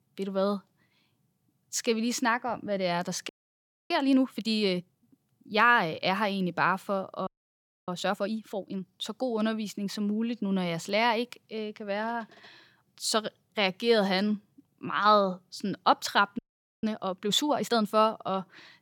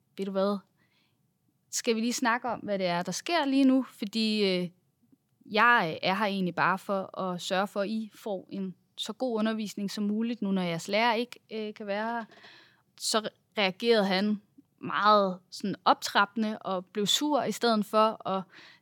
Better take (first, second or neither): second